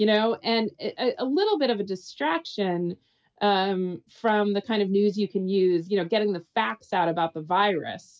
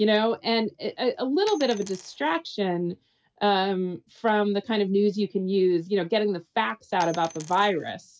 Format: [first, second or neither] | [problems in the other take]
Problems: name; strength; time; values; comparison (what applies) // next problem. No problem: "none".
first | background sound (Coin (dropping)); 20 dB below the speech